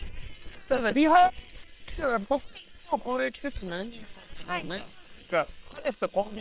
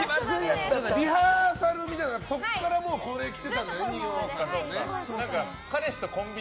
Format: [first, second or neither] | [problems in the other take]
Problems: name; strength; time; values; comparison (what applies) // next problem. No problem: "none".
second | noise reduction (neural separator model SepFormer WHAM!)